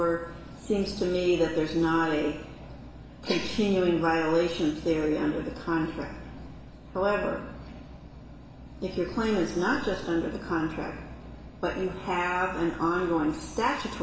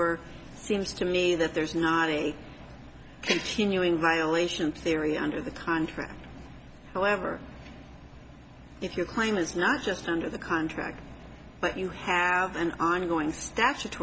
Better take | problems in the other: second | room echo; dies away in 0.9 s

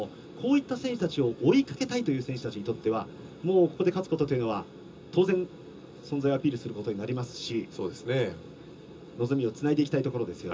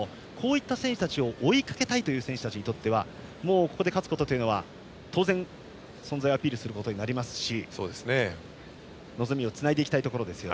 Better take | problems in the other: second | room echo; dies away in 0.2 s

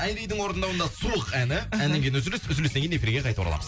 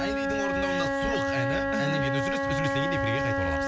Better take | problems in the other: first | background sound (Wind instrument, woodwind instrument); 5 dB above the speech

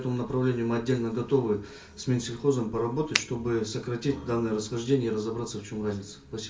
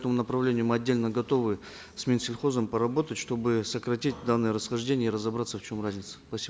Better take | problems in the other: second | background sound (Finger snapping); 2 dB below the speech // room echo; dies away in 0.3 s

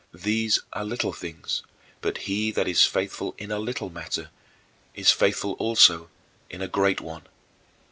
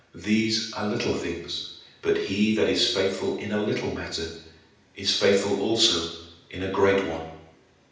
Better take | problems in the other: first | room echo; dies away in 0.8 s

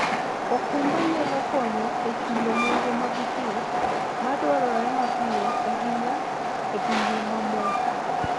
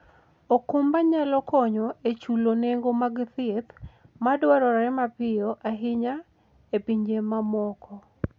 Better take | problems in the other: second | background sound (Train); 4 dB above the speech

